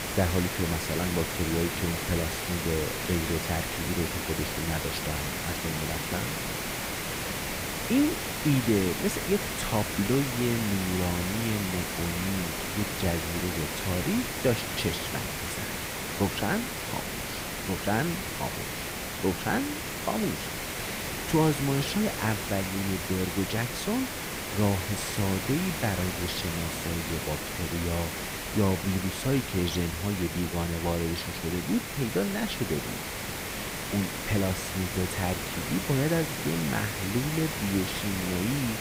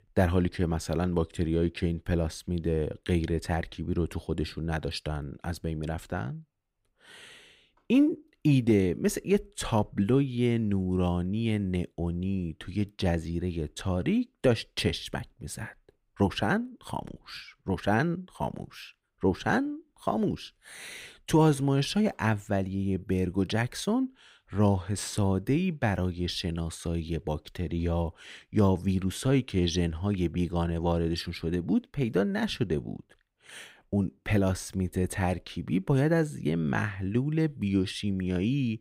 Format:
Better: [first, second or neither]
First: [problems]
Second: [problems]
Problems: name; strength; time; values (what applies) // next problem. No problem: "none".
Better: second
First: hiss; loud; throughout; 2 dB below the speech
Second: none